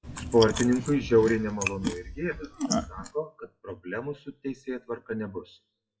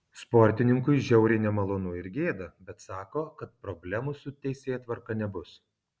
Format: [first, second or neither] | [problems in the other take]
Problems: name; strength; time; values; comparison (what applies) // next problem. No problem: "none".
second | noise reduction (classical method WPE with log-MMSE)